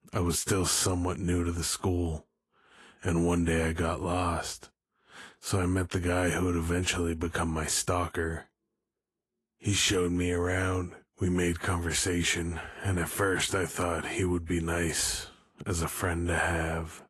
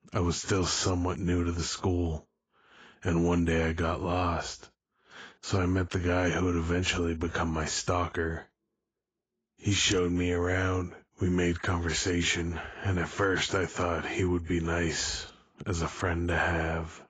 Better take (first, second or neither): first